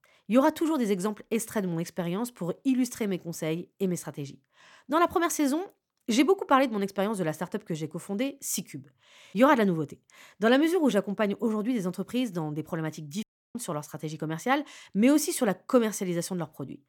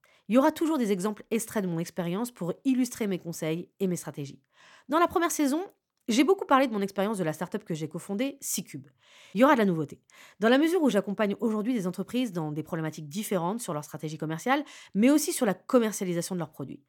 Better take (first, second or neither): second